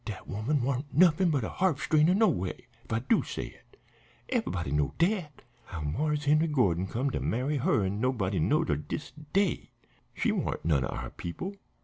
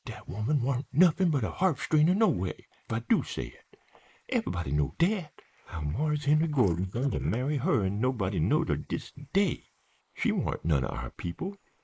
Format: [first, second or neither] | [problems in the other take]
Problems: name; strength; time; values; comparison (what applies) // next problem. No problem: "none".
first | noise reduction (neural mask model Resemble Enhance denoiser)